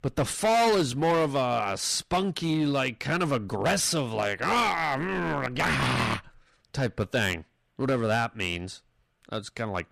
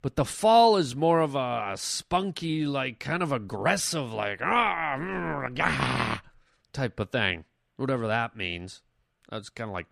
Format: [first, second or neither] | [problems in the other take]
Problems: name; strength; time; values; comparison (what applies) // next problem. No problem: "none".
second | distortion; heavy; 9% of the sound clipped